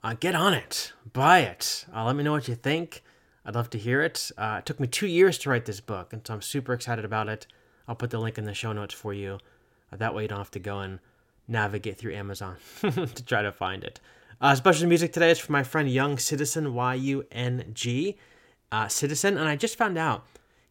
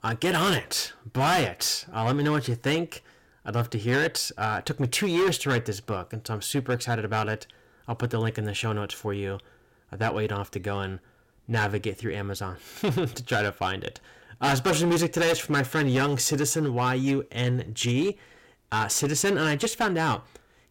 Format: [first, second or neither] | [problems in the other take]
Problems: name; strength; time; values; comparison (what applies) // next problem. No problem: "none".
first | distortion; heavy; 8% of the sound clipped